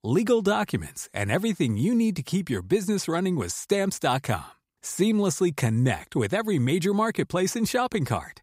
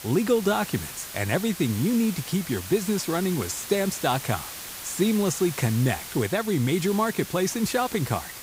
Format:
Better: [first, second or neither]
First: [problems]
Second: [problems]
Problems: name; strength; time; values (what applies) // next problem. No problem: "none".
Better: first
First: none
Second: hiss; noticeable; throughout; 10 dB below the speech